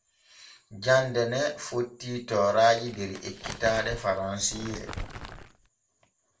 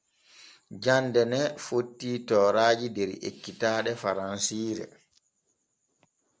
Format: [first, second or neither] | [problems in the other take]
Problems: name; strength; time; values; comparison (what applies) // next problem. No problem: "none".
second | background sound (Crumpling, crinkling); 12 dB below the speech // room echo; dies away in 0.2 s